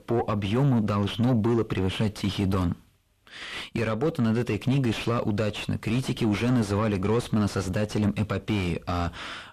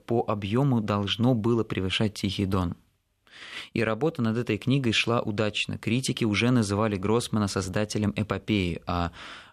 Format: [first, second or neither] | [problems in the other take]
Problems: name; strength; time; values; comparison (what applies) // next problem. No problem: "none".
second | distortion; heavy; 7 dB below the speech